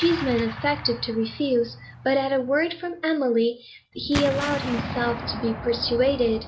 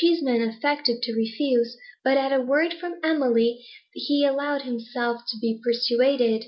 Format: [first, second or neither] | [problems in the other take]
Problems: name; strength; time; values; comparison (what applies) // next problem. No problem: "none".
second | background sound (Explosion); 10 dB below the speech